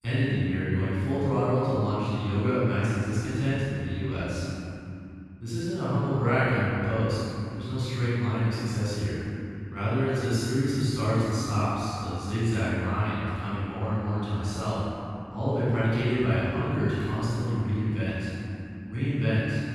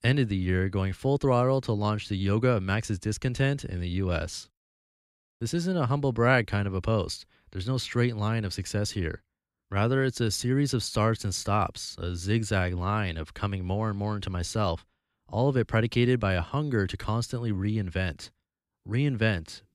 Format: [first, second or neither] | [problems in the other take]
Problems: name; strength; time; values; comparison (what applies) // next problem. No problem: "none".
second | off-mic speech; far // room echo; strong; dies away in 2.6 s